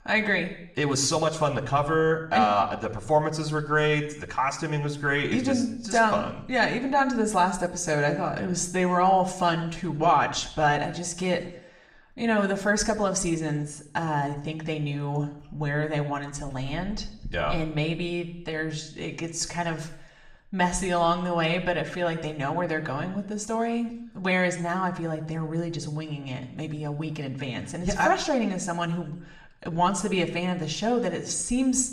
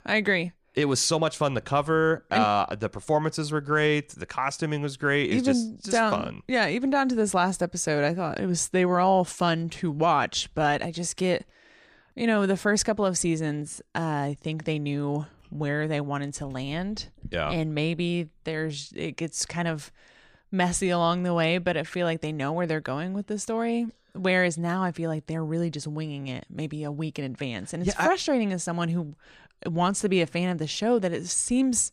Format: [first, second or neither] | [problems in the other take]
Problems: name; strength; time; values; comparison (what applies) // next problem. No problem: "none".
second | room echo; slight; dies away in 0.7 s // off-mic speech; somewhat distant